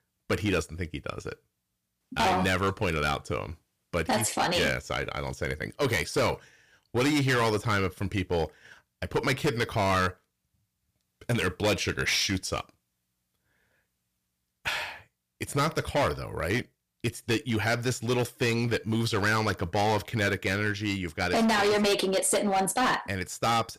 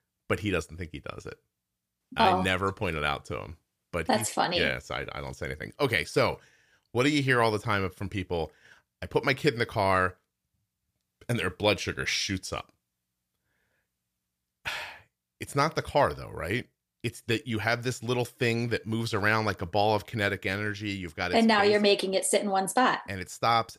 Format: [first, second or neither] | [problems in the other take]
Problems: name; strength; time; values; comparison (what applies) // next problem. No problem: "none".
second | distortion; heavy; 9% of the sound clipped